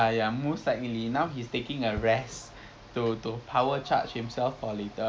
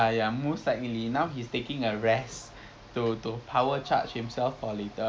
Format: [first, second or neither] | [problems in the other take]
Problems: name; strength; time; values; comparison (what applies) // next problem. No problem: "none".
second | background sound (Bass drum); 18 dB below the speech